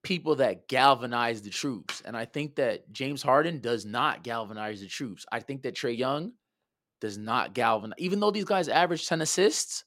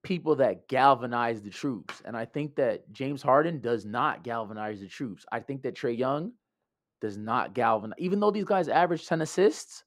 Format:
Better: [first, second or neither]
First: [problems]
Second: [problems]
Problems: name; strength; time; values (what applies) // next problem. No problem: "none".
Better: first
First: none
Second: muffled; slightly; fading above 2 kHz